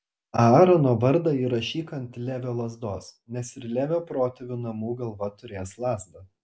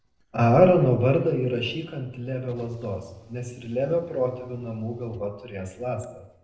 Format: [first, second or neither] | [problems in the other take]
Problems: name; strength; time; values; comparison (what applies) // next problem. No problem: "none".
first | noise reduction (neural separator model SepFormer DNS4)